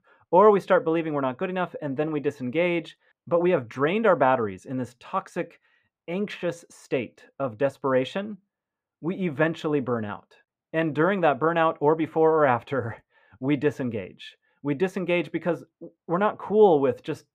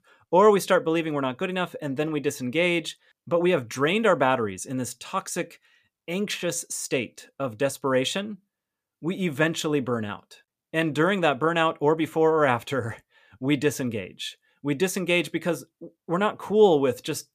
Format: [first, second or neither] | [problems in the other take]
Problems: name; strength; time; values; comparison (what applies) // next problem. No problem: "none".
second | muffled; very; fading above 3.5 kHz